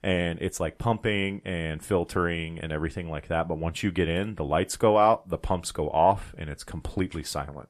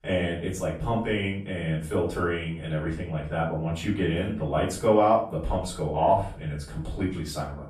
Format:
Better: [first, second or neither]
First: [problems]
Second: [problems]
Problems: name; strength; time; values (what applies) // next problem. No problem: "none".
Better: first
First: none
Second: off-mic speech; far // room echo; noticeable; dies away in 0.4 s